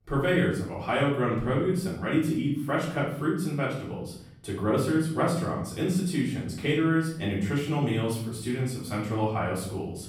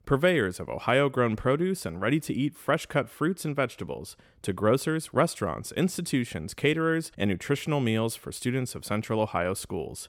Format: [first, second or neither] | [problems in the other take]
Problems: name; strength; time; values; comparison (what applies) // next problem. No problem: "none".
second | off-mic speech; far // room echo; noticeable; dies away in 0.7 s